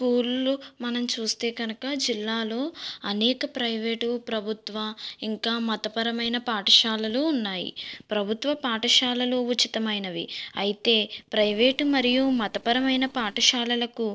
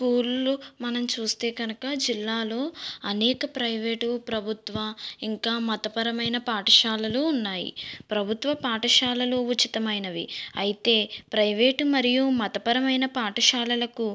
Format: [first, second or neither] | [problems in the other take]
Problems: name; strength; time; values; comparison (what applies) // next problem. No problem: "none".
second | noise reduction (neural separator model SepFormer DNS4)